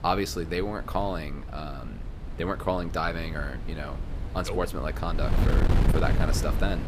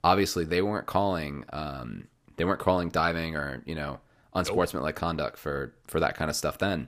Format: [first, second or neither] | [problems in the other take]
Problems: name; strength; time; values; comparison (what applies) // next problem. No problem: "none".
second | wind noise on the microphone; heavy; 8 dB below the speech